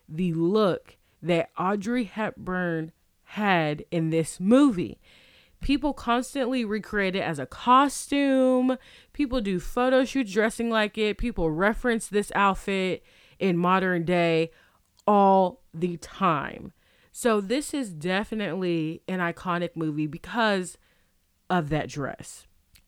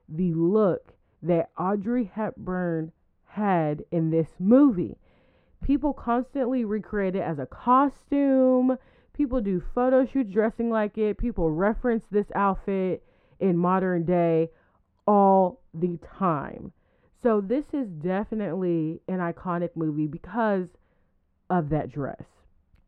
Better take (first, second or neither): first